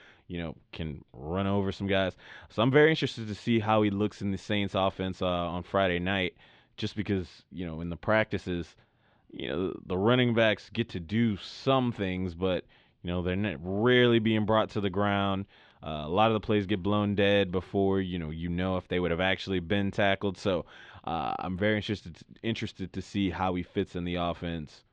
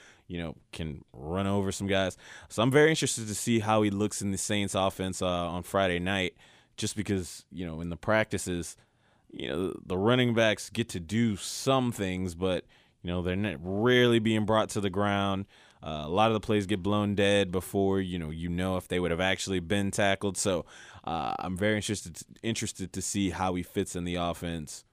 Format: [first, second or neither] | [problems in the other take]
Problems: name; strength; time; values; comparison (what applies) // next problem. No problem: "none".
second | muffled; slightly; fading above 4 kHz